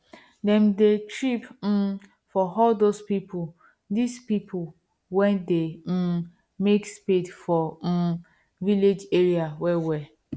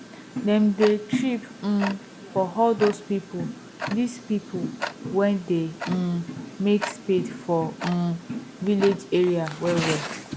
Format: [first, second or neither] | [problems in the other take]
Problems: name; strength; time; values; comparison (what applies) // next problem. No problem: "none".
first | background sound (Tick-tock); 9 dB below the speech